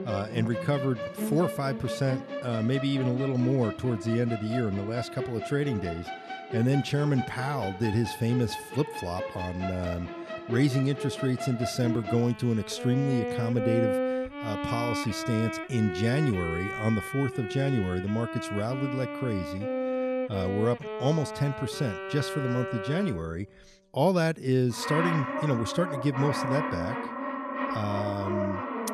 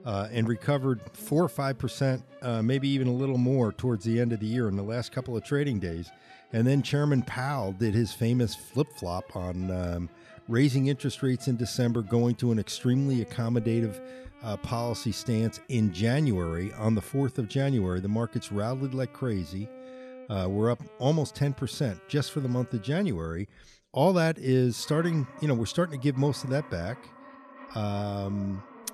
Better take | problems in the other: second | background music; loud; throughout; 5 dB below the speech; faint in the second

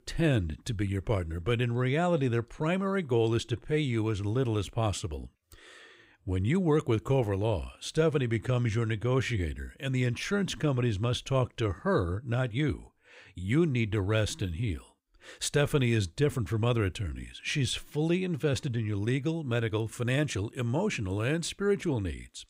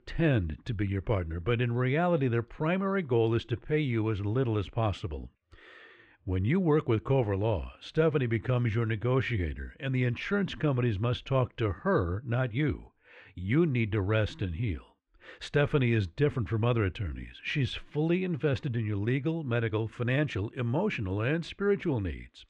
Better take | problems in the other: first | muffled; slightly; fading above 2.5 kHz

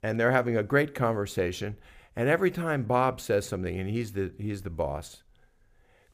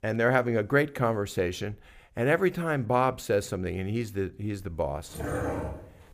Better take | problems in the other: first | dog barking; noticeable; at 5 s; peak 3 dB below the speech

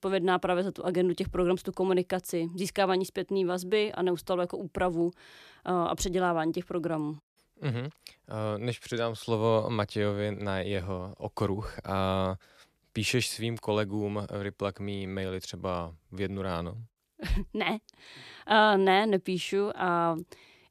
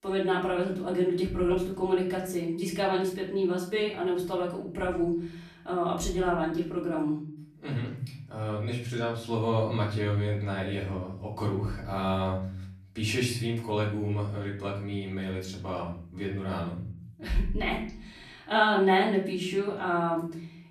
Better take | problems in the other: first | off-mic speech; far // room echo; slight; dies away in 0.8 s

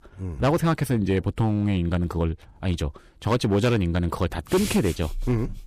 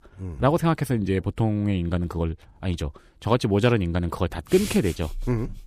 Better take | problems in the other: second | distortion; slight; 5% of the sound clipped

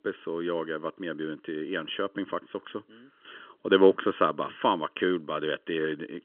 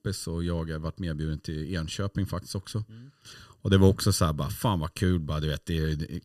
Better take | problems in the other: second | phone-call audio; nothing above 3.5 kHz

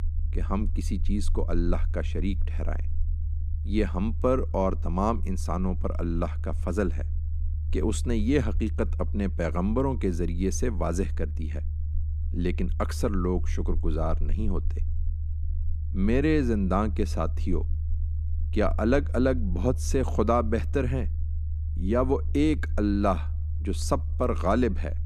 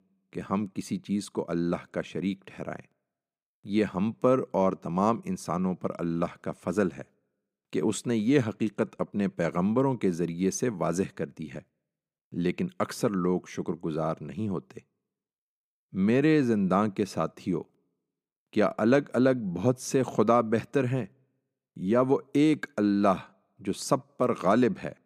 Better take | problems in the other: second | low rumble; noticeable; throughout; 20 dB below the speech

